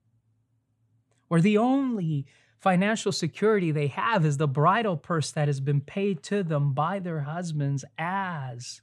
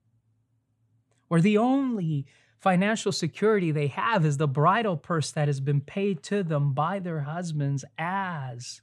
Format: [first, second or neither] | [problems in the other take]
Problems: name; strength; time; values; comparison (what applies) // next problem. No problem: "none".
neither | none